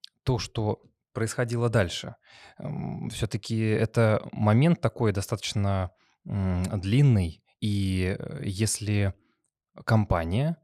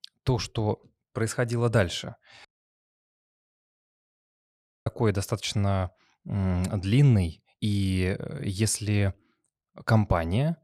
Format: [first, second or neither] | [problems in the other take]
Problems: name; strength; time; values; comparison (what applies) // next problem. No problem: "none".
first | audio cutting out; at 2.5 s for 2.5 s